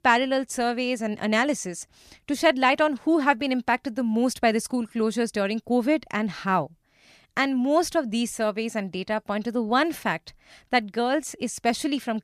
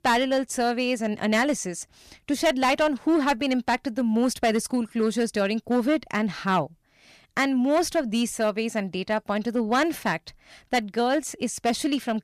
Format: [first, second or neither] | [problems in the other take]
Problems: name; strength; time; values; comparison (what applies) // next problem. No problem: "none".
first | distortion; slight; 5% of the sound clipped